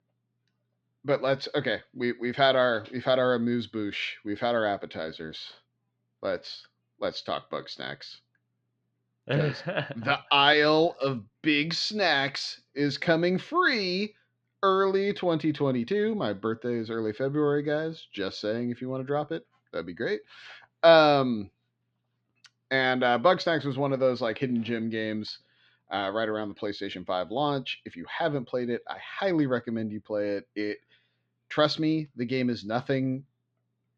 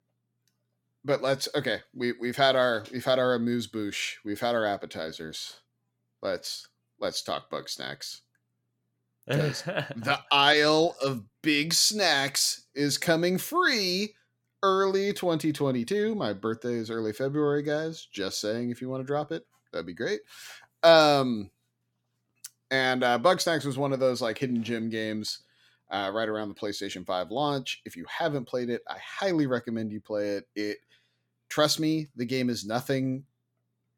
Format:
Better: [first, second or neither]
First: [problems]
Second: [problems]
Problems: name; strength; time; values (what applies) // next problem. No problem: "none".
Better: second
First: muffled; very slightly; fading above 4 kHz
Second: none